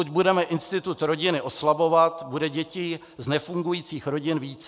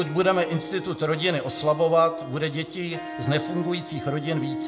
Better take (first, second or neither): first